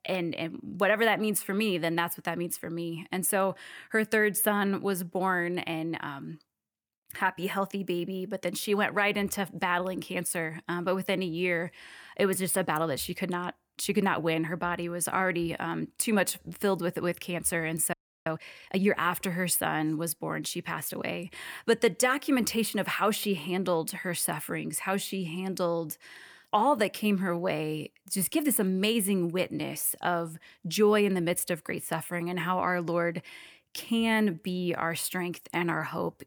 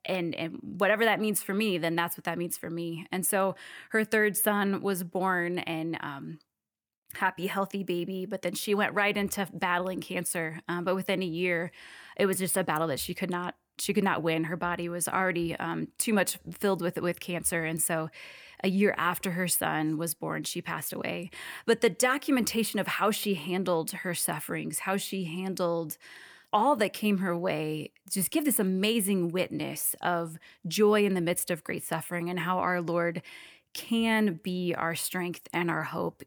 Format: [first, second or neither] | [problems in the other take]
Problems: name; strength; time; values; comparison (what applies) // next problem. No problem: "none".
second | audio freezing; at 18 s